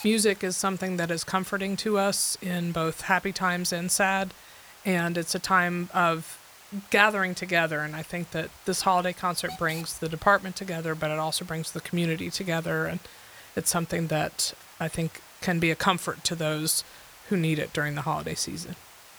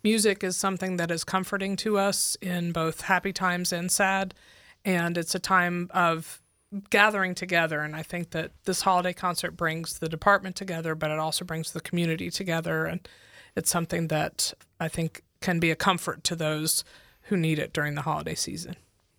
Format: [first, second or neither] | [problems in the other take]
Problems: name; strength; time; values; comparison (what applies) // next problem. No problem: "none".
second | hiss; faint; throughout; 20 dB below the speech